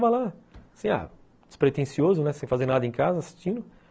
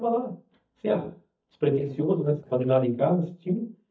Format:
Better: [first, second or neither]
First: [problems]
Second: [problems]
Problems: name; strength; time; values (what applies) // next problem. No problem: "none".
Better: first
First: none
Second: noise reduction (neural mask model DeepFilterNet 3)